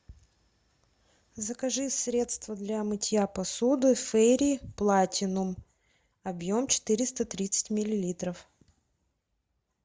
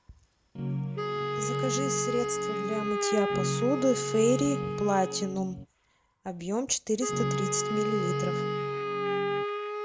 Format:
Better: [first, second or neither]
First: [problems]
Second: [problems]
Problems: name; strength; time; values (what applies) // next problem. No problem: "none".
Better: first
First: none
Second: background sound (Guitar + Wind instrument, woodwind instrument); as loud as the speech